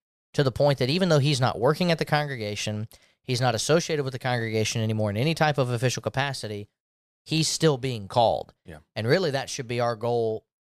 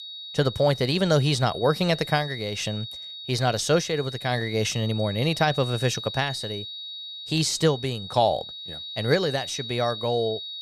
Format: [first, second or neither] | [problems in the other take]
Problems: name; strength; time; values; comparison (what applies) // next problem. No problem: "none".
first | high-pitched whine; loud; throughout; 4 kHz, 10 dB below the speech